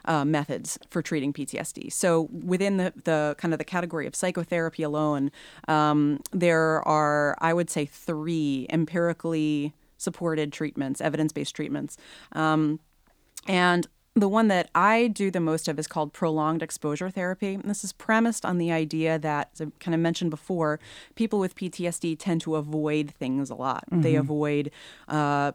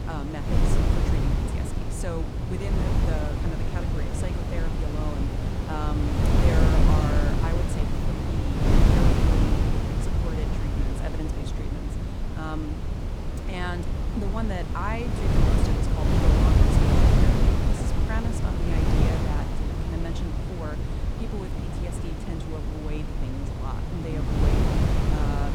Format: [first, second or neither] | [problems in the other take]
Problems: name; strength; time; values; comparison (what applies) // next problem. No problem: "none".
first | wind noise on the microphone; heavy; 4 dB above the speech